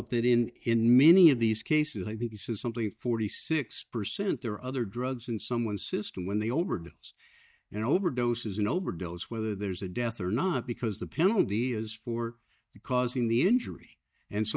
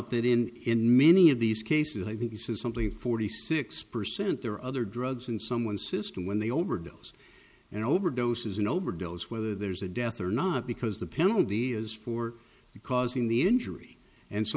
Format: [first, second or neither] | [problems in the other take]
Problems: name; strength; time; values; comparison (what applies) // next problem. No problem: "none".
second | noise reduction (neural mask model DeepFilterNet 3)